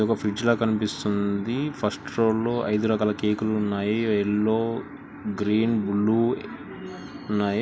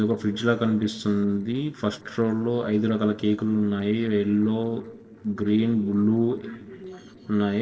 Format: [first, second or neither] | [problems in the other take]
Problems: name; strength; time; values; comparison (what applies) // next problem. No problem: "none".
first | noise reduction (neural separator model SepFormer DNS4)